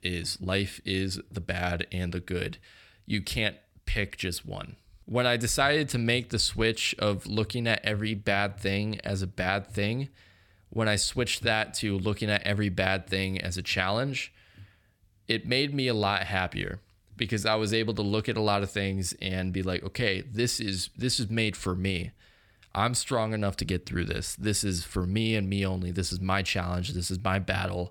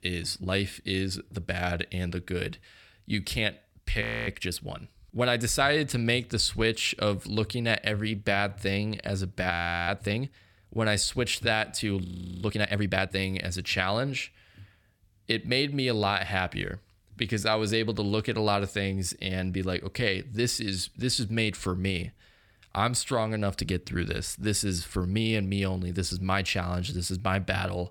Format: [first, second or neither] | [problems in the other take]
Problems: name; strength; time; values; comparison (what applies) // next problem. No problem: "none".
first | audio freezing; at 4 s, at 9.5 s and at 12 s